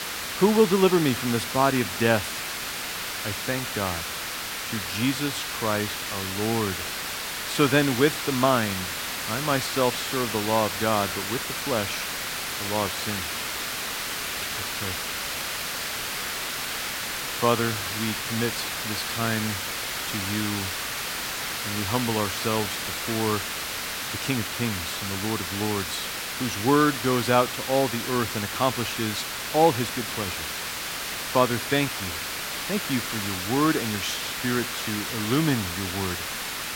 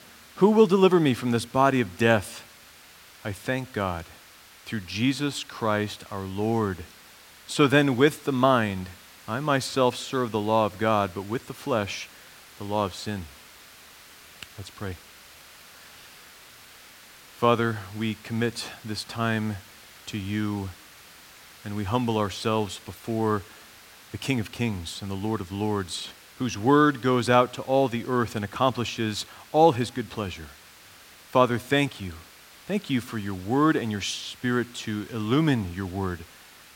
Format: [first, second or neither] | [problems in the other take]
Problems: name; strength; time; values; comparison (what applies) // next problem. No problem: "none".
second | hiss; loud; throughout; 2 dB below the speech; faint in the second